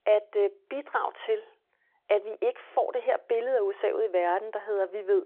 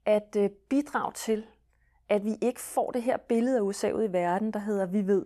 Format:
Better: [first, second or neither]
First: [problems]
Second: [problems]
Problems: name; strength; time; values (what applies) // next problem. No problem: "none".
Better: second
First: phone-call audio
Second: none